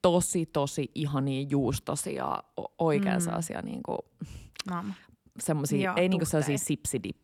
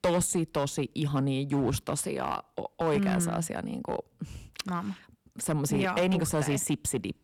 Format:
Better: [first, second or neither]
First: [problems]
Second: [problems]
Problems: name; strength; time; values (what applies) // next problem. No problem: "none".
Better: first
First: none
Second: distortion; slight; 5% of the sound clipped